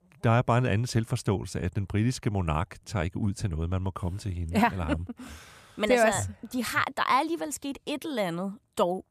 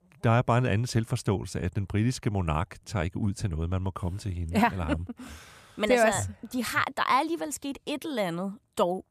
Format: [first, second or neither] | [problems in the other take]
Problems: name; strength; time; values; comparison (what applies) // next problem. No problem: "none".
neither | none